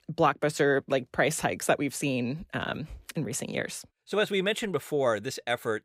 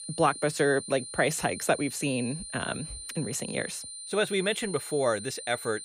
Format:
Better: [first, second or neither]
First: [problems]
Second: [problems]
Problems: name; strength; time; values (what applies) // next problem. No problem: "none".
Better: first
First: none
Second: high-pitched whine; loud; throughout; 9.5 kHz, 9 dB below the speech